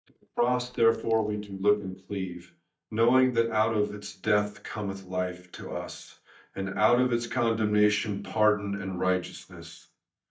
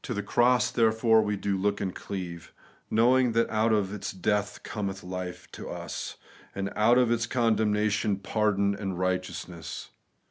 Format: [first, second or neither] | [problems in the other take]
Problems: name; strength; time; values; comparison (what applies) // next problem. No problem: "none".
second | noise reduction (neural mask model DeepFilterNet 3)